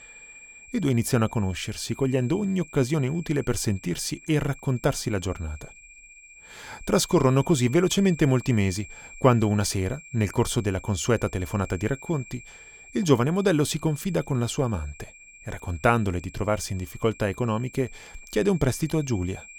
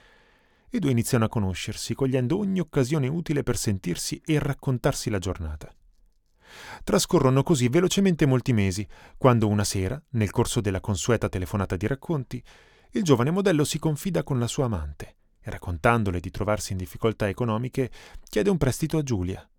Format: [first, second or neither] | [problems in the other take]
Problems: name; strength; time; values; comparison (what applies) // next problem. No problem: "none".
second | high-pitched whine; noticeable; throughout; 2.5 kHz, 20 dB below the speech